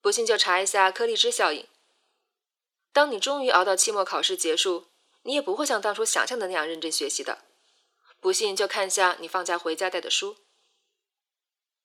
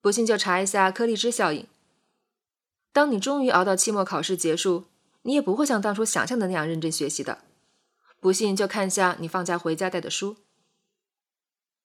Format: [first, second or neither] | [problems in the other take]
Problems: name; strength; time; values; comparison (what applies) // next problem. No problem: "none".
second | thin; somewhat; fading below 400 Hz